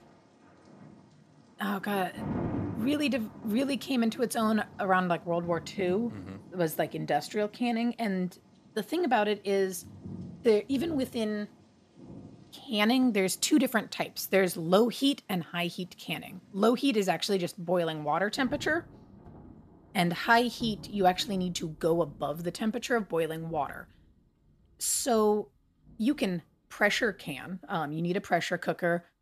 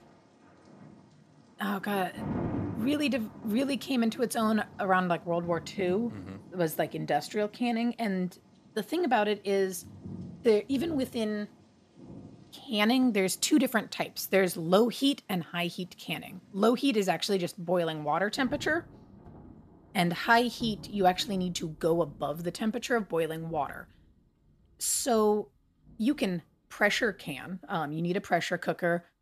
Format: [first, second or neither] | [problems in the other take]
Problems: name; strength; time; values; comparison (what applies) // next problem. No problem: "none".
neither | rain or running water; noticeable; throughout; 15 dB below the speech; the same in both